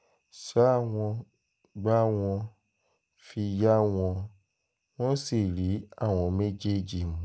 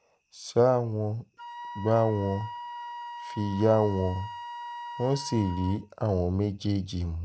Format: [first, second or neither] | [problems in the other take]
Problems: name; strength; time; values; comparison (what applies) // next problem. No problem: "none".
first | background sound (Wind instrument, woodwind instrument); 13 dB below the speech